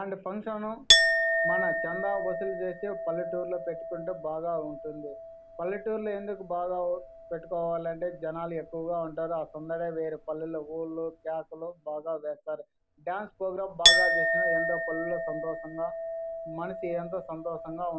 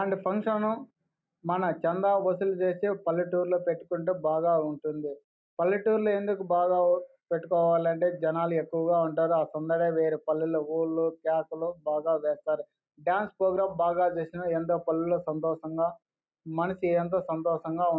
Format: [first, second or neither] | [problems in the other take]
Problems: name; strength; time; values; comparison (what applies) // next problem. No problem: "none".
second | background sound (Chink, clink); 3 dB above the speech